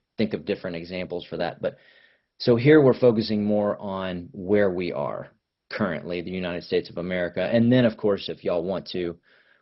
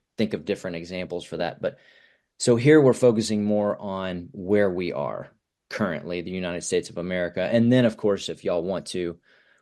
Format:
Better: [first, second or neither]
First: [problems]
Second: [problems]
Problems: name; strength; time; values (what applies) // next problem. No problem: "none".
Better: second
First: garbled, watery; badly; nothing above 5.5 kHz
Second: none